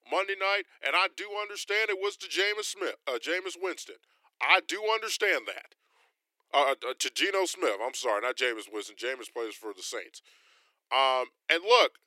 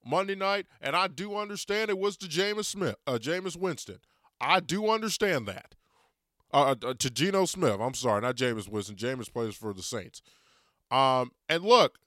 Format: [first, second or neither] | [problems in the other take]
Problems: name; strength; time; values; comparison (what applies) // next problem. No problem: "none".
second | thin; very; fading below 300 Hz